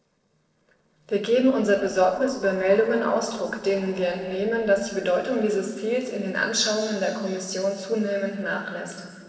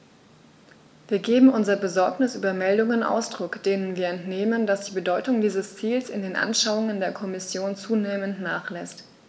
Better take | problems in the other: second | noise reduction (neural separator model SepFormer DNS4)

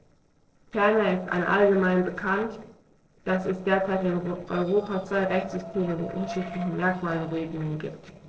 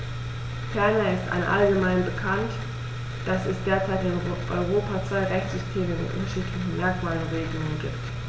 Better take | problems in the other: second | noise reduction (neural separator model SepFormer DNS4)

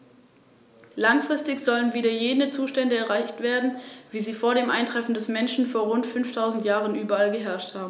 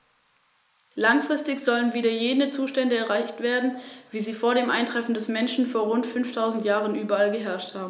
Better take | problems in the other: first | noise reduction (neural mask model Resemble Enhance denoiser)

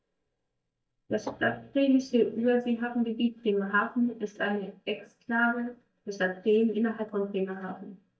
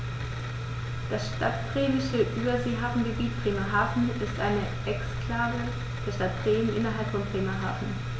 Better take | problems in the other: second | noise reduction (neural mask model DeepFilterNet 3)

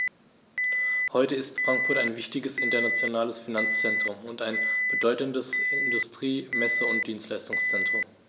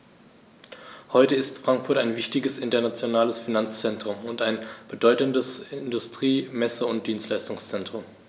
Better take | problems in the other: second | background sound (Alarm); 2 dB above the speech

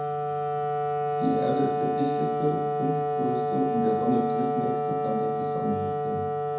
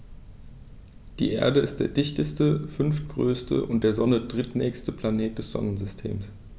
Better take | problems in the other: second | background sound (Wind instrument, woodwind instrument); 4 dB above the speech // room echo; dies away in 0.6 s

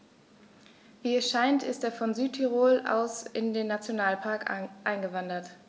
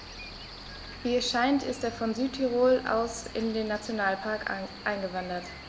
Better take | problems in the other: first | background sound (Cricket); 14 dB below the speech

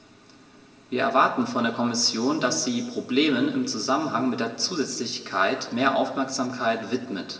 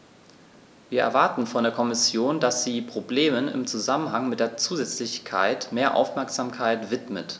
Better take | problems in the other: second | room echo; dies away in 1.9 s

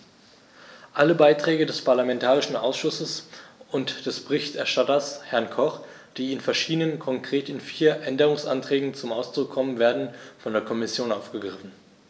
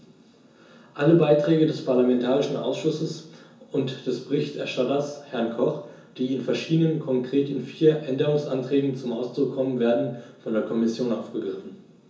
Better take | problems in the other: first | room echo; dies away in 0.6 s

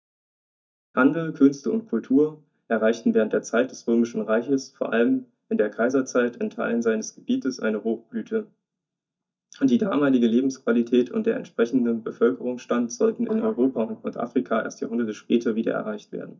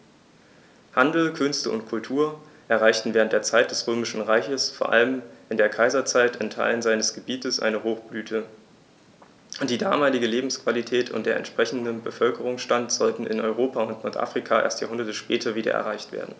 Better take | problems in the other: second | noise reduction (neural mask model DeepFilterNet 3)

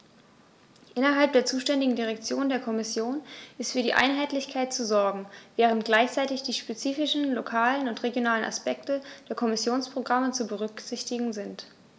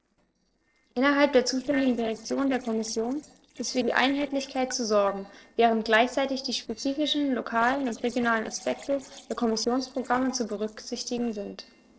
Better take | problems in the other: first | noise reduction (neural separator model SepFormer DNS4)

